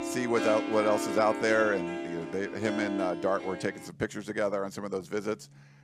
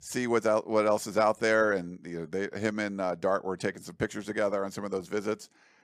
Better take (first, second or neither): second